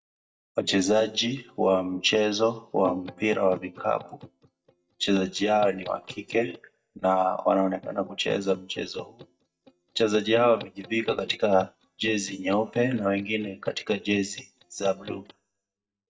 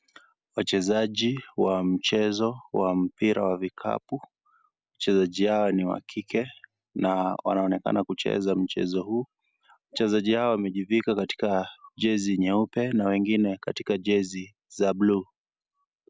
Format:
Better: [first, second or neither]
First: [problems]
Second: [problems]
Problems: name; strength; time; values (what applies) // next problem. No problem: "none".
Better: second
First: noise reduction (neural mask model DeepFilterNet 3)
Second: none